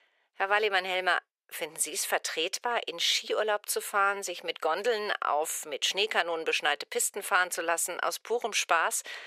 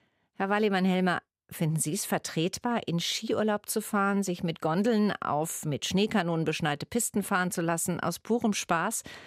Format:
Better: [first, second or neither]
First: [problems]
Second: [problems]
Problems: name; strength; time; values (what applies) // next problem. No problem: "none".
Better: second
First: thin; very; fading below 450 Hz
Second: none